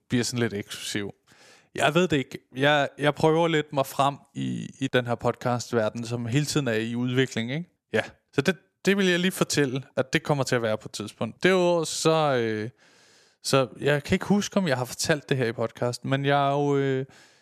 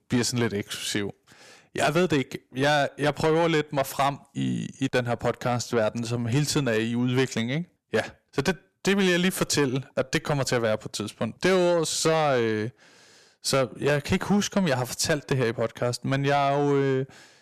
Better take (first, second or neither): first